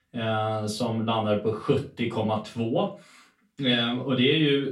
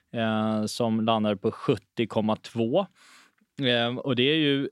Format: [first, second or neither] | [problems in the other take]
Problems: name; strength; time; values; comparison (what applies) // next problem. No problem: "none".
second | off-mic speech; far // room echo; very slight; dies away in 0.3 s